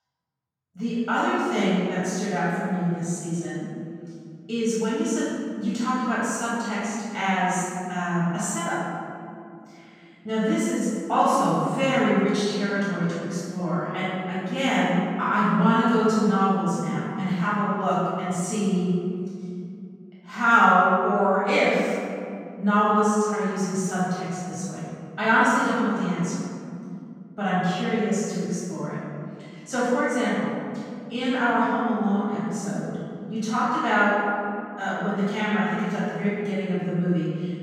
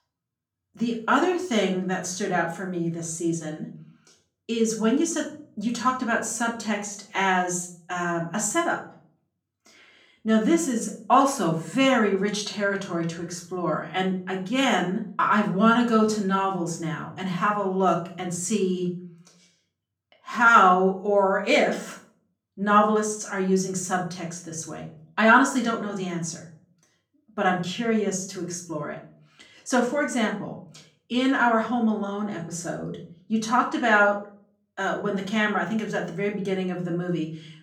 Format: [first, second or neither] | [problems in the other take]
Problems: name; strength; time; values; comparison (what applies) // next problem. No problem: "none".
second | room echo; strong; dies away in 2.4 s; slight in the second // off-mic speech; far; far in the second